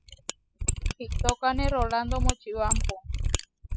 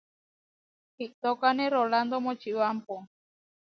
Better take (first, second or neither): second